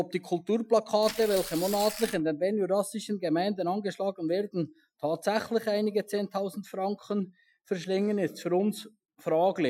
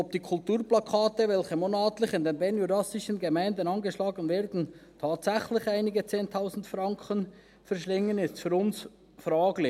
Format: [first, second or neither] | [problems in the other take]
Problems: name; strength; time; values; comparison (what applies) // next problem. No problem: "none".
second | noise reduction (classical method Wiener filter)